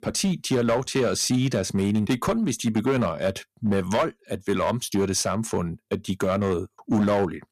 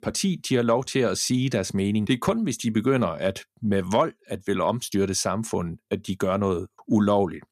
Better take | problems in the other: second | distortion; slight; 7% of the sound clipped

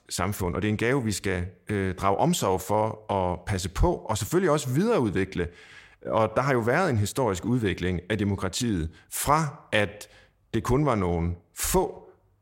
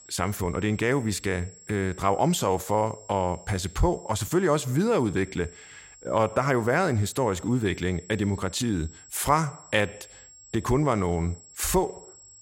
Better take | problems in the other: first | high-pitched whine; faint; throughout; 7.5 kHz, 20 dB below the speech

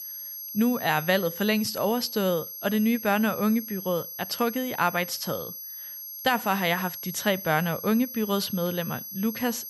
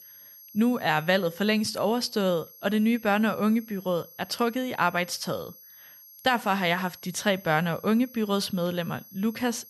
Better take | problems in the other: second | high-pitched whine; loud; throughout; 11.5 kHz, 9 dB below the speech; faint in the second

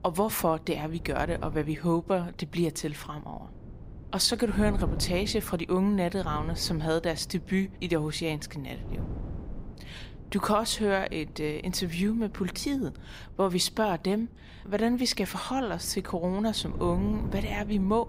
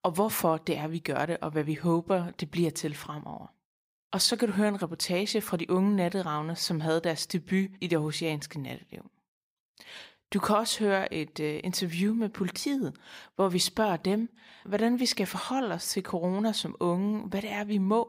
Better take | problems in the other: second | wind noise on the microphone; occasional gusts; 20 dB below the speech

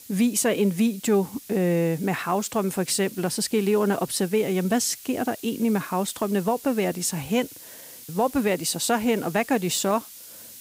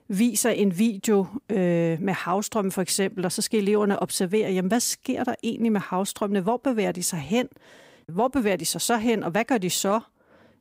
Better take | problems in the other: second | hiss; noticeable; throughout; 15 dB below the speech

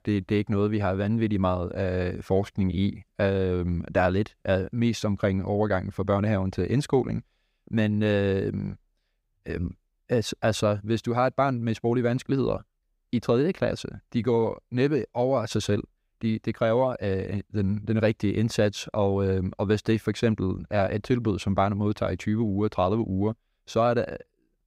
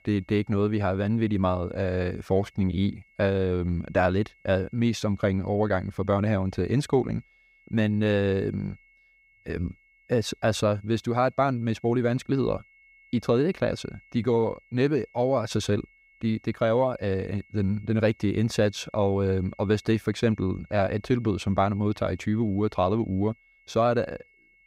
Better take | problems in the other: first | high-pitched whine; faint; throughout; 2 kHz, 30 dB below the speech

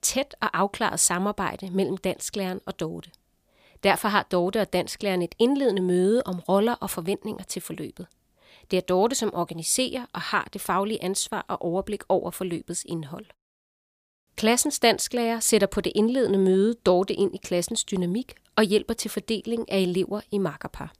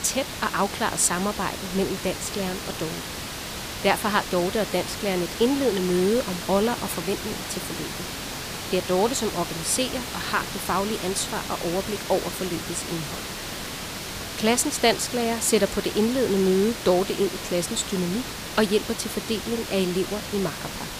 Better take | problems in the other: first | hiss; loud; throughout; 6 dB below the speech

